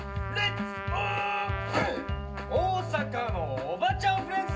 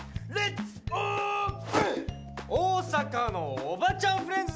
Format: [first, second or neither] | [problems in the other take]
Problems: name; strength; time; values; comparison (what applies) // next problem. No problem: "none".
second | background sound (Trumpet); 10 dB below the speech // room echo; dies away in 0.4 s